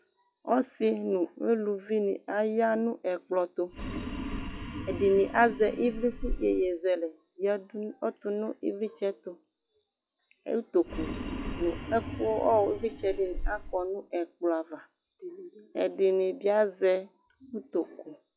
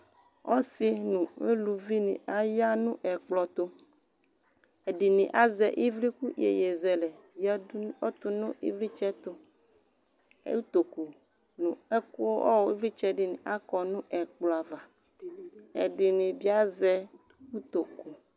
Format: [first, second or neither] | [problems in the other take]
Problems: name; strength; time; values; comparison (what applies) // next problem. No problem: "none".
second | noise reduction (classical method log-MMSE)